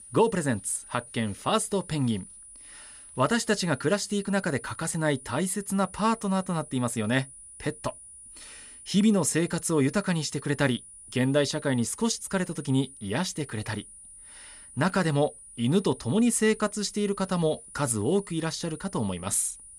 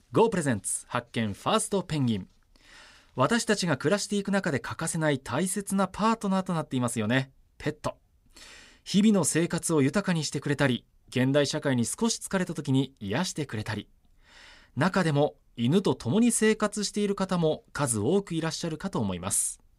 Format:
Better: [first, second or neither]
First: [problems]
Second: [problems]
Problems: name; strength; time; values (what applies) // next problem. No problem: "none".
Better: second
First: high-pitched whine; noticeable; throughout; 9.5 kHz, 15 dB below the speech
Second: none